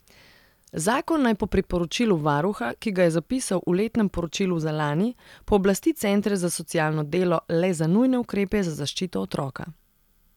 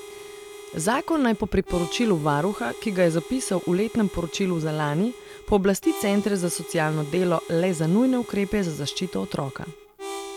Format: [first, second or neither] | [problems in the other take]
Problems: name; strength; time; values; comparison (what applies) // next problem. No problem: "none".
first | background sound (Harmonica); 14 dB below the speech